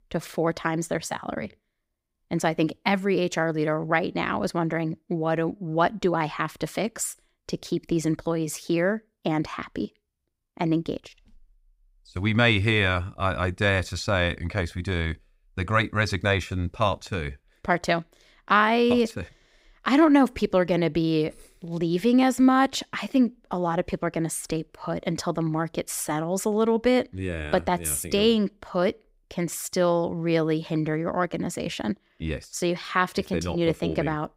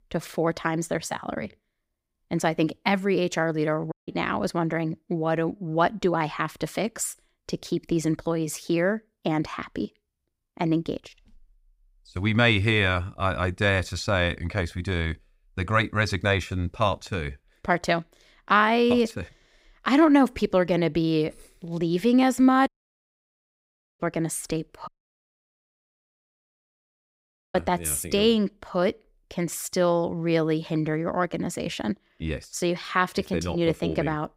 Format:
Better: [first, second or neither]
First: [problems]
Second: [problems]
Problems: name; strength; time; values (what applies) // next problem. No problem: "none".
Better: first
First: none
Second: audio cutting out; at 4 s, at 23 s for 1.5 s and at 25 s for 2.5 s